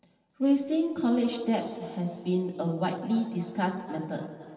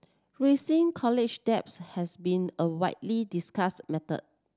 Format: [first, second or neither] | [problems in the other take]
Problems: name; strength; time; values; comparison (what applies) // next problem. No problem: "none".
second | room echo; dies away in 2.4 s